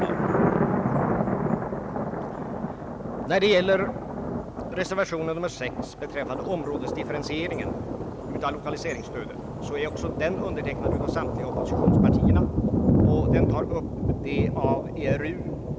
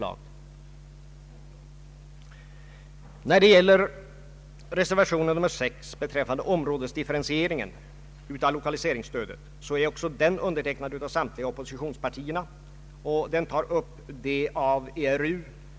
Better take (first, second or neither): second